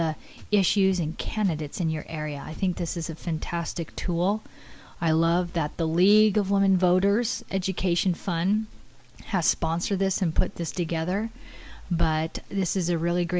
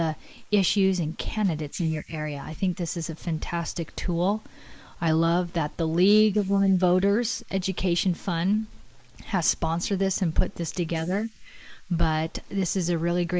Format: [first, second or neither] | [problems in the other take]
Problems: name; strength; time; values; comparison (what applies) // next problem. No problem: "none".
first | noise reduction (neural mask model Resemble Enhance denoiser)